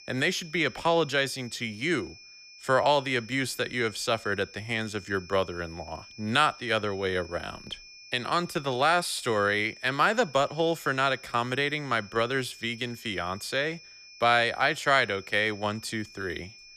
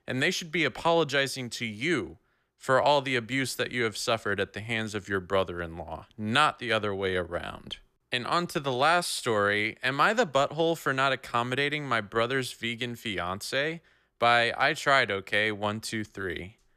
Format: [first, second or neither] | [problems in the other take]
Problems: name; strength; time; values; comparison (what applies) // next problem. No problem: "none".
second | high-pitched whine; noticeable; throughout; 5.5 kHz, 20 dB below the speech